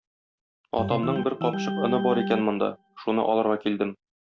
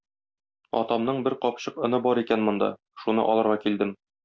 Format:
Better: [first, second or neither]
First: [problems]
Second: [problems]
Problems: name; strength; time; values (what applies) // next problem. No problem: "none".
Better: second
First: background sound (Organ); 5 dB below the speech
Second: none